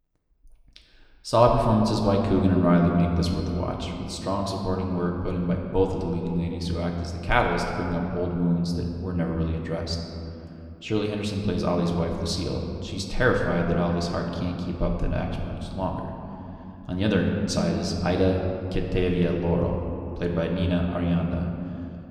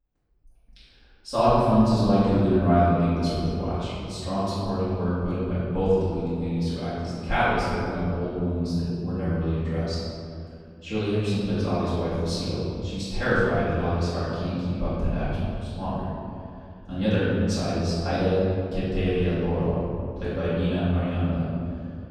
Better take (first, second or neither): first